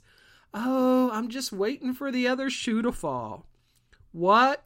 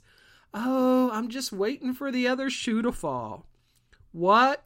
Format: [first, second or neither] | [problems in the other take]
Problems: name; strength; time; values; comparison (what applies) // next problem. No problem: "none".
neither | none